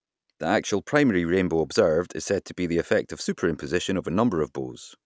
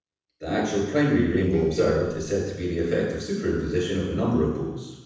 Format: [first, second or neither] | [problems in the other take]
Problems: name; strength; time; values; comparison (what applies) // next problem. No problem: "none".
first | noise reduction (neural separator model SepFormer DNS4)